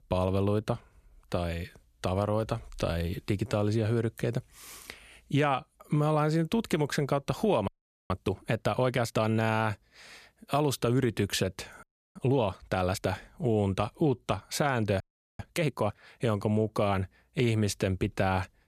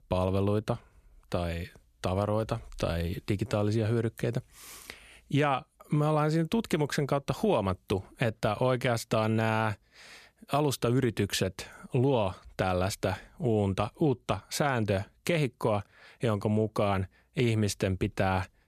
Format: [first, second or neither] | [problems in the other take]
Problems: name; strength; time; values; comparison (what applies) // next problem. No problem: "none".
second | audio freezing; at 7.5 s, at 12 s and at 15 s